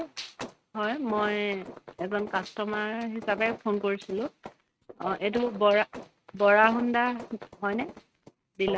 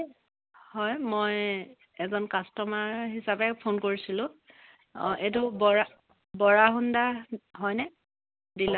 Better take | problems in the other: second | noise reduction (neural mask model RNNoise)

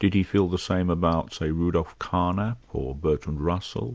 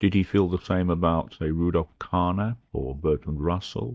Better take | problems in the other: first | noise reduction (neural mask model DeepFilterNet 3)

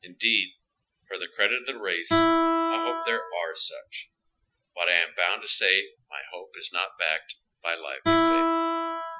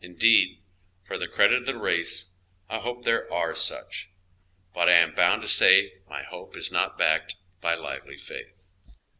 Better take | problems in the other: second | noise reduction (classical method Wiener filter)

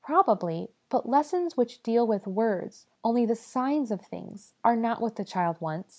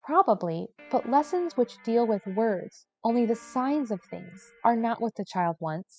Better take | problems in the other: first | noise reduction (classical method spectral subtraction)

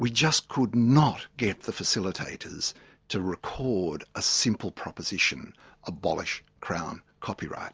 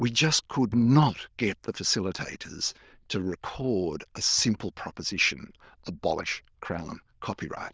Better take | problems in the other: first | noise reduction (neural diffusion model UNIVERSE++)

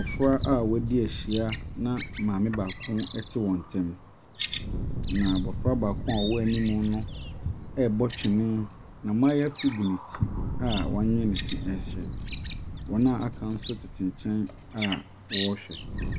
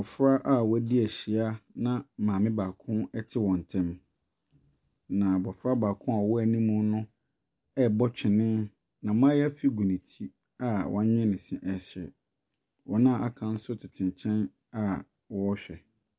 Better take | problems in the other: second | background sound (Bird vocalization, bird call, bird song + Fire); 5 dB below the speech

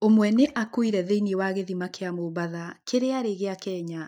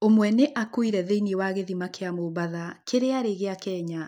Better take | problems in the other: second | noise reduction (neural mask model DeepFilterNet 3)

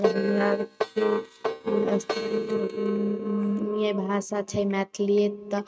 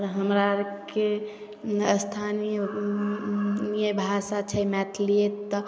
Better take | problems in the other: second | noise reduction (neural mask model RNNoise)

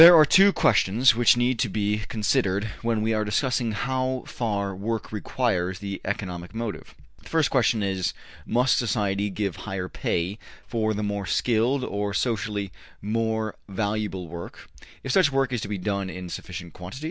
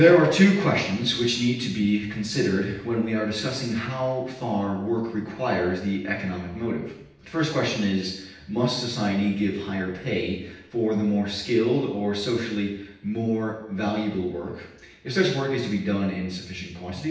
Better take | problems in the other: first | room echo; dies away in 0.9 s

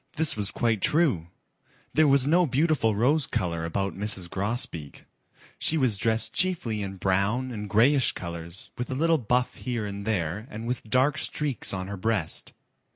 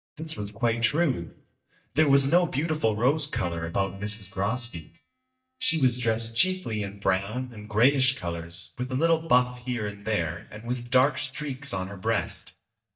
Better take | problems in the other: first | noise reduction (neural mask model DeepFilterNet 3)

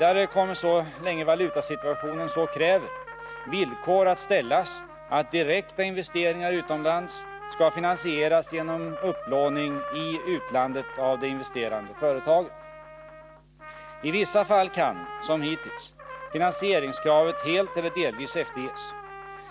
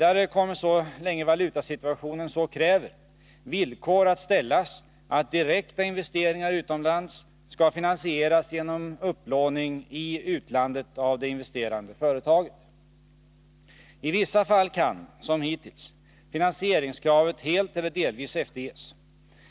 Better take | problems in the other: second | background sound (Trumpet); 12 dB below the speech

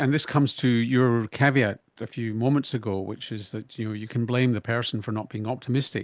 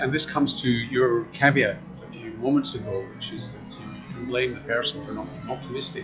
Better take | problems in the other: first | noise reduction (classical method log-MMSE)

